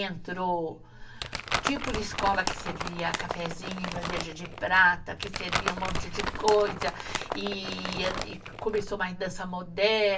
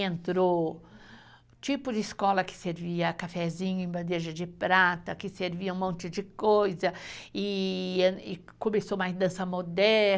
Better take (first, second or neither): second